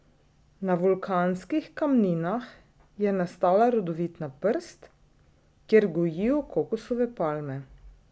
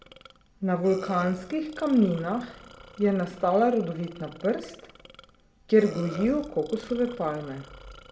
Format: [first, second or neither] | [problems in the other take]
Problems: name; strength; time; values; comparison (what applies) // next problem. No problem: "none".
first | background sound (Burping, eructation); 19 dB below the speech // room echo; dies away in 0.5 s